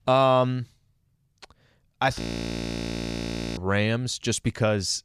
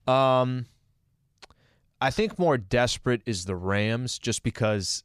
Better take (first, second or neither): second